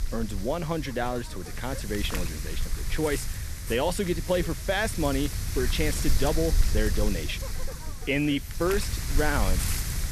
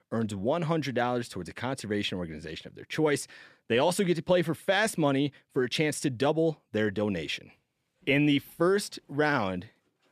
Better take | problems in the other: second | wind noise on the microphone; heavy; 8 dB below the speech

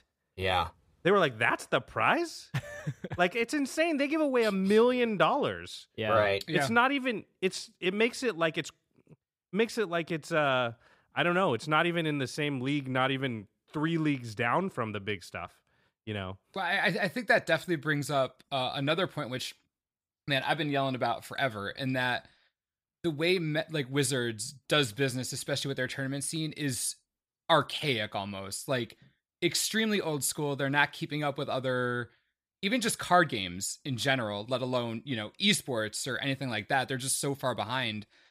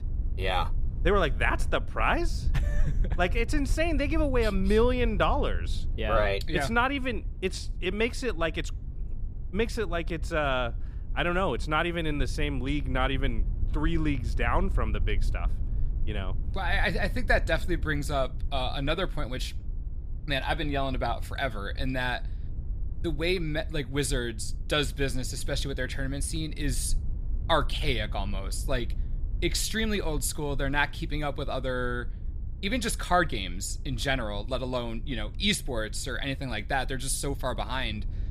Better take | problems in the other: first | low rumble; faint; throughout; 25 dB below the speech

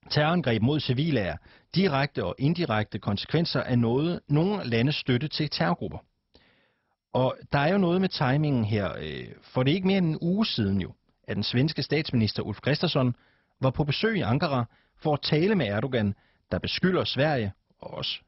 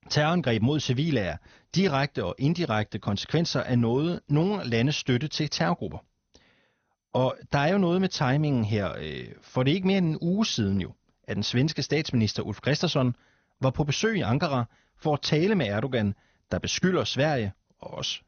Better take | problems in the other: second | garbled, watery; badly; nothing above 5.5 kHz; slightly in the second

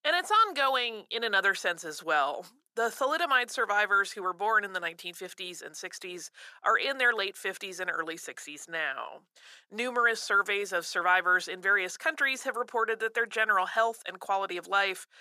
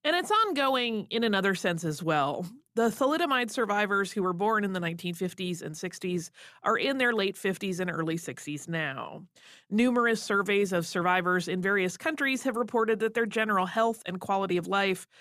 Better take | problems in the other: second | thin; very; fading below 600 Hz

